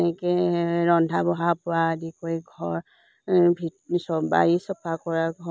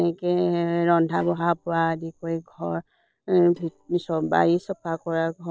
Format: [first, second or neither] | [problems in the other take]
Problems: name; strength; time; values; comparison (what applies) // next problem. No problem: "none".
first | noise reduction (neural separator model SepFormer DNS4)